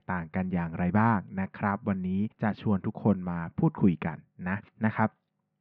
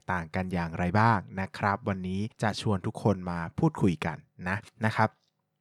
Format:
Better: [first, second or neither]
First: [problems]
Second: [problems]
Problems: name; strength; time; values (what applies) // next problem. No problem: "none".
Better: second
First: muffled; very; fading above 2.5 kHz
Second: none